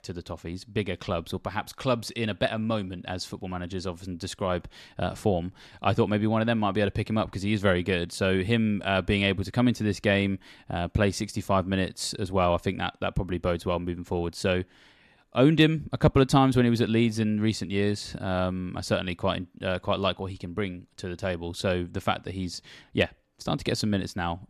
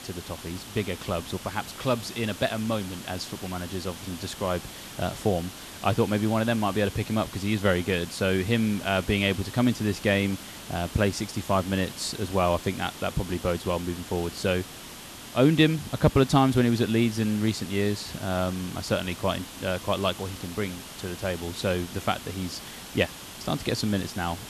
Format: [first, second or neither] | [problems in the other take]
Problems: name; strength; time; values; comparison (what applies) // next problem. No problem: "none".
first | hiss; noticeable; throughout; 15 dB below the speech